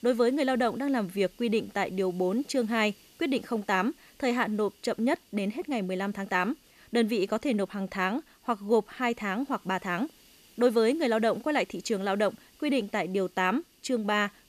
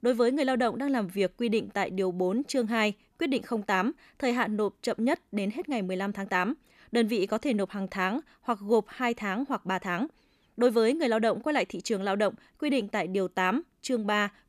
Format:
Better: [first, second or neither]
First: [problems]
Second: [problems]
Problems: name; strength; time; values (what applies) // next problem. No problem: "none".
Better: second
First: hiss; faint; throughout; 30 dB below the speech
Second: none